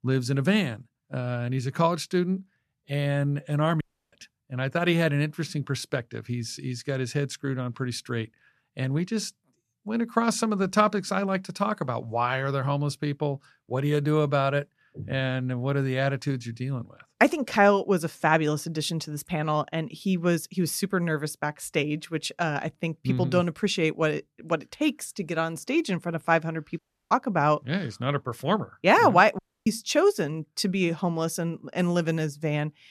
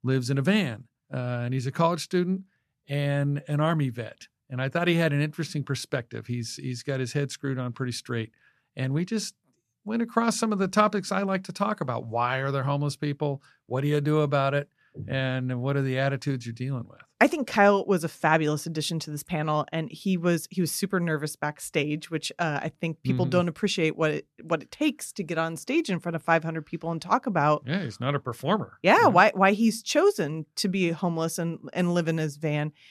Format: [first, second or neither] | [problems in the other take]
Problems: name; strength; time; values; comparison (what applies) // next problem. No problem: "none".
second | audio cutting out; at 4 s, at 27 s and at 29 s